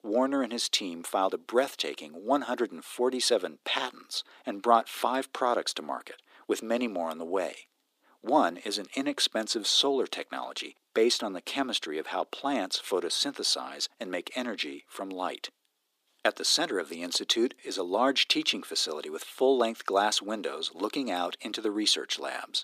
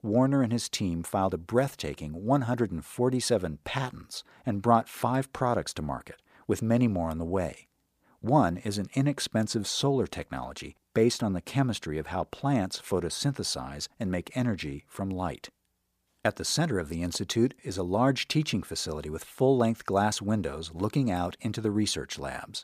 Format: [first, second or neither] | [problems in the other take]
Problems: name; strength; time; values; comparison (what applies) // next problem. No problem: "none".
second | thin; somewhat; fading below 300 Hz